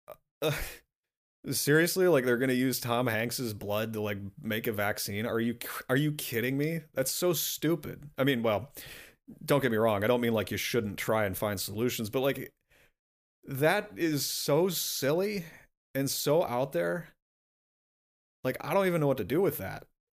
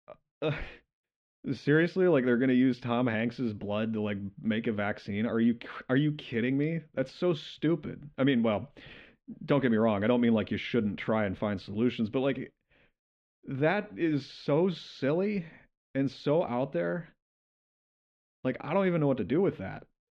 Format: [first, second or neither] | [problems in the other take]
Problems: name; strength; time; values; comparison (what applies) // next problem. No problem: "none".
first | muffled; slightly; fading above 3 kHz